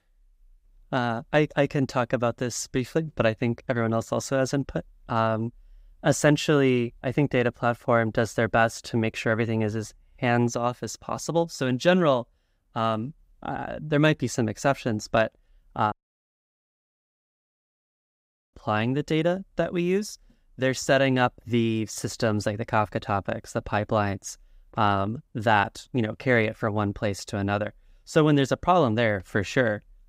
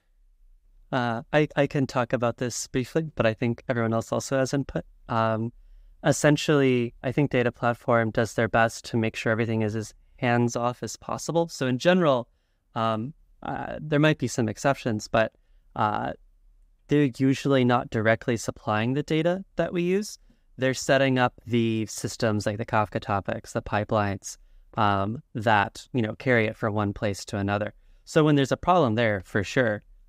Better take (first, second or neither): second